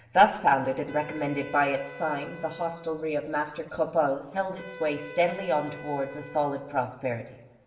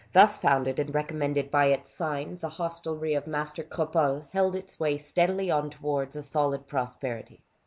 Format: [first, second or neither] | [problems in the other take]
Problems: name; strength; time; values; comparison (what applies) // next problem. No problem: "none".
second | background sound (Wind instrument, woodwind instrument); 17 dB below the speech // room echo; dies away in 1.1 s